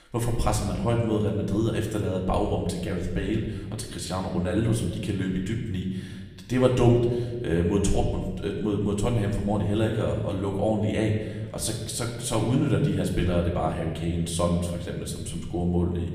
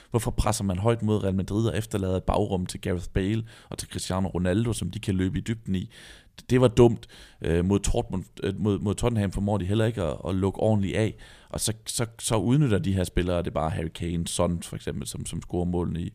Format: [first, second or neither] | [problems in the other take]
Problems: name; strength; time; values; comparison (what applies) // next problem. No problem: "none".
second | room echo; slight; dies away in 1.2 s // off-mic speech; far